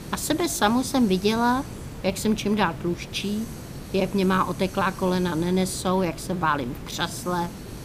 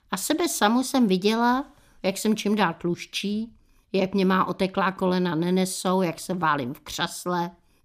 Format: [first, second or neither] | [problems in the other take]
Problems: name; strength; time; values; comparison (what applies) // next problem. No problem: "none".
second | hiss; noticeable; throughout; 15 dB below the speech